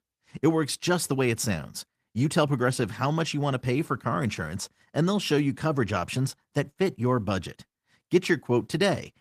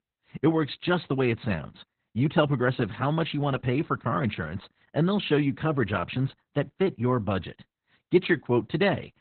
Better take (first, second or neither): first